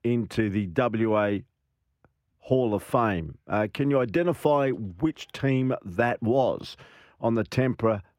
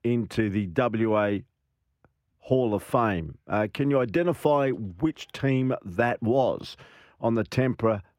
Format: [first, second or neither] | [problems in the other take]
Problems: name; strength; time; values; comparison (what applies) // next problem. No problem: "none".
neither | muffled; slightly; fading above 2.5 kHz; the same in both